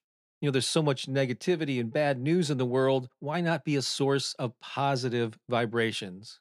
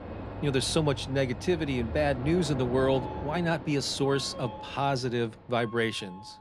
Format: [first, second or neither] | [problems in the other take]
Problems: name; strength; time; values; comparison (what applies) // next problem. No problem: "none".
first | train or aircraft noise; noticeable; throughout; 10 dB below the speech